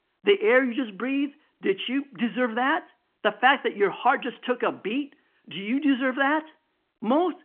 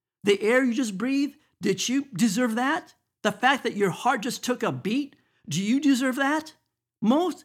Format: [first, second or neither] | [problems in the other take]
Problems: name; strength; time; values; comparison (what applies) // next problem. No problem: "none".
second | phone-call audio; nothing above 3 kHz